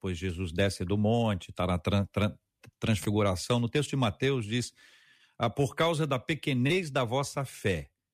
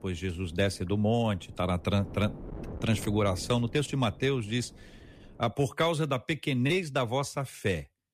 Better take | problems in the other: first | wind noise on the microphone; occasional gusts; until 5.5 s; 20 dB below the speech

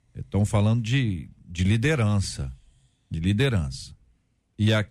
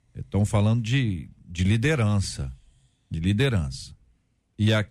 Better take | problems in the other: neither | none

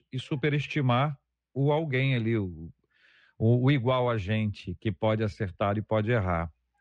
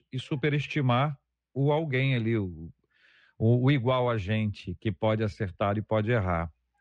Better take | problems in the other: neither | muffled; slightly; fading above 2.5 kHz; the same in both

